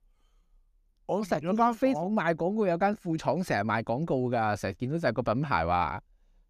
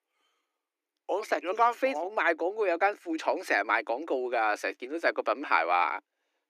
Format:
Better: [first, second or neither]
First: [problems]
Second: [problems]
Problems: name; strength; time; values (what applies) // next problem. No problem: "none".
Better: first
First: none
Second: thin; very; fading below 300 Hz